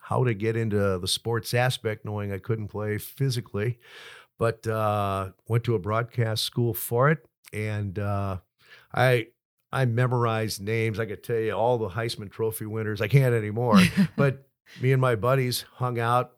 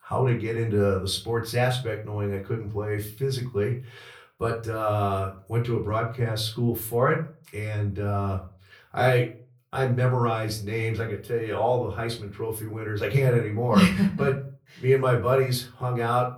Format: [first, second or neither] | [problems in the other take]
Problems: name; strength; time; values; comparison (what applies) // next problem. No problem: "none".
first | off-mic speech; far // room echo; very slight; dies away in 0.3 s